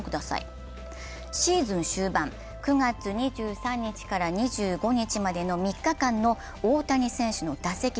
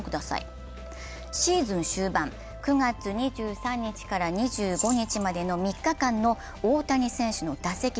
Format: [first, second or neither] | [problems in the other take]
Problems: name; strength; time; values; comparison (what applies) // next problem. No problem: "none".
first | background sound (Rattle / Keys jangling); 12 dB below the speech